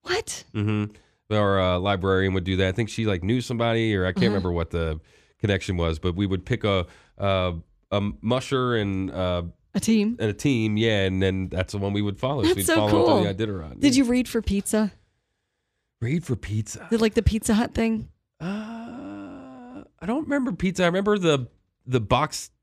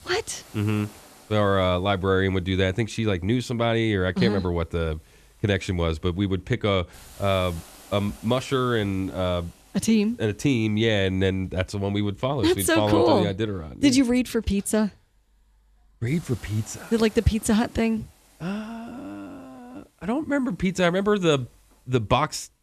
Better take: first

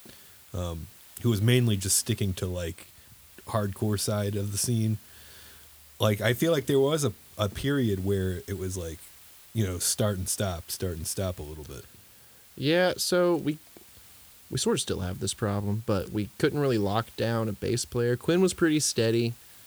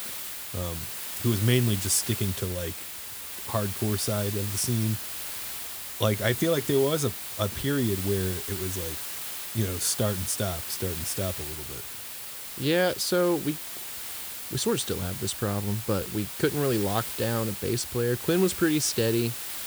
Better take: first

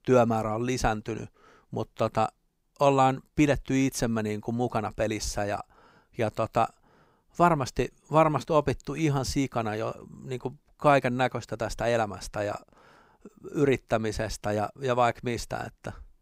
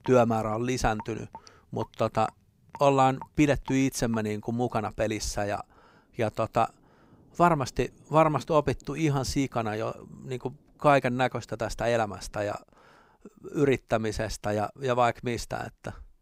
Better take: first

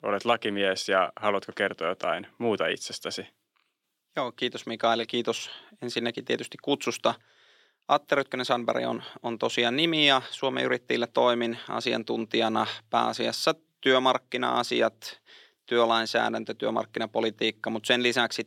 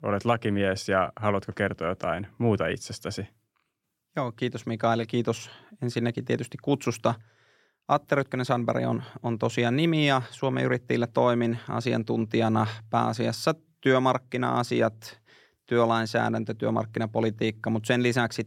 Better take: second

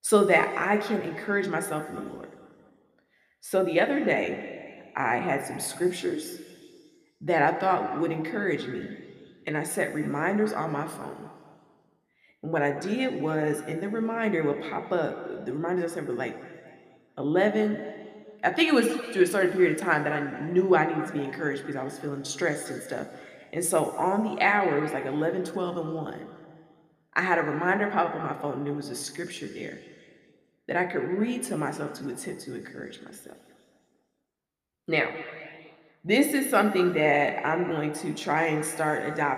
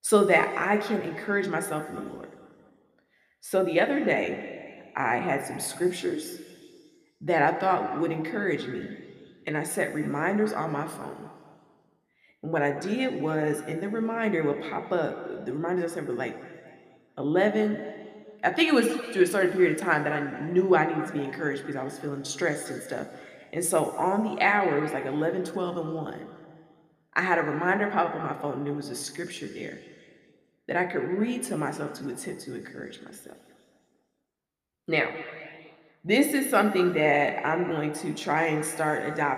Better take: neither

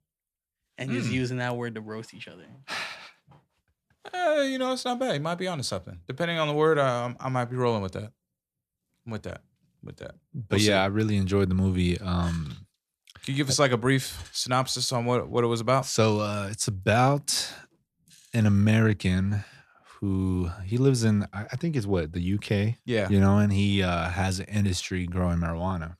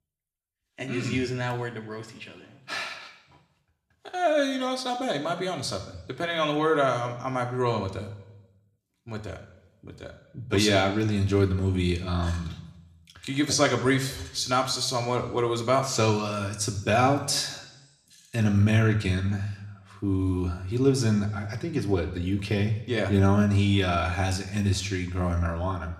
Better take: first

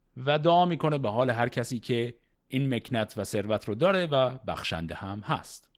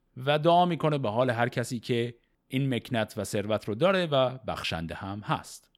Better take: second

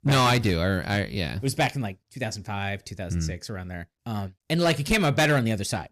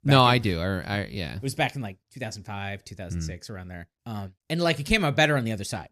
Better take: second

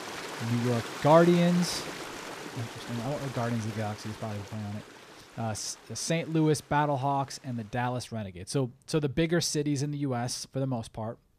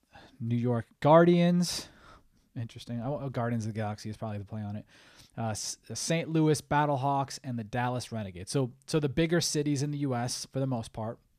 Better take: second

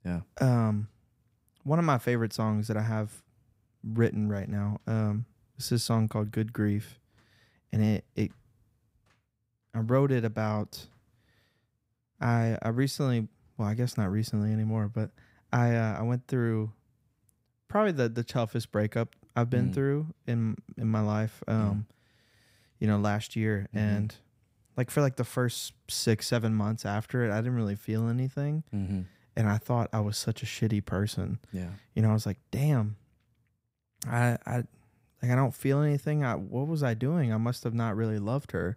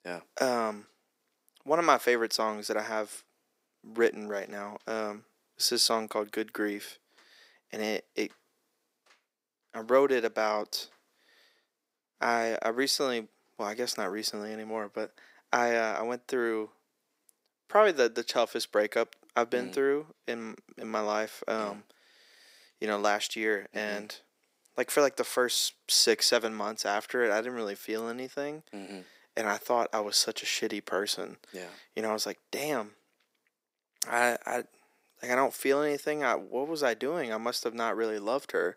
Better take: first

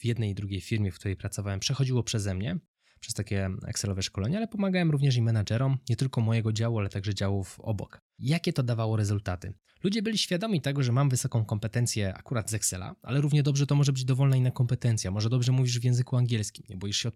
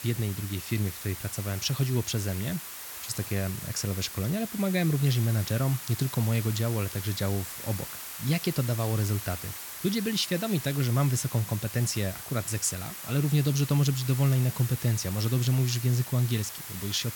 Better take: first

